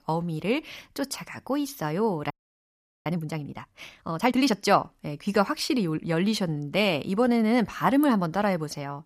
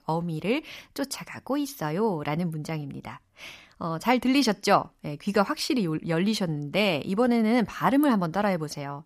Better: second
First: audio freezing; at 2.5 s for 1 s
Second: none

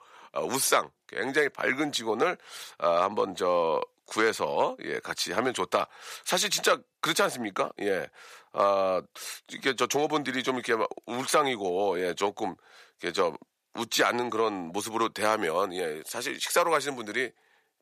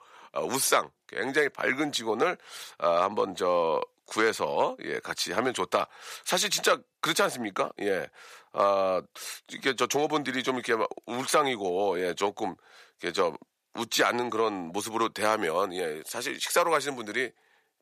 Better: neither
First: thin; somewhat; fading below 450 Hz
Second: thin; somewhat; fading below 450 Hz

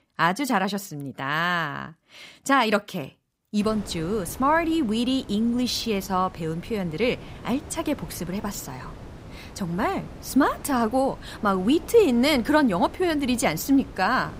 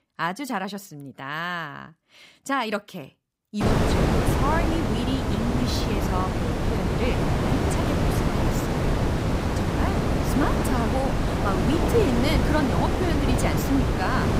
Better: first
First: wind noise on the microphone; occasional gusts; from 3.5 s on; 20 dB below the speech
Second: wind noise on the microphone; heavy; from 3.5 s on; 2 dB above the speech

